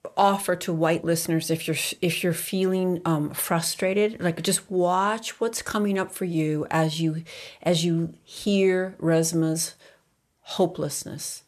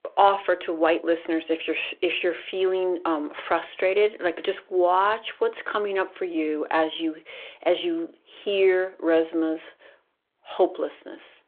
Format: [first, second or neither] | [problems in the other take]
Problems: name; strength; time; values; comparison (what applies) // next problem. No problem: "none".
first | phone-call audio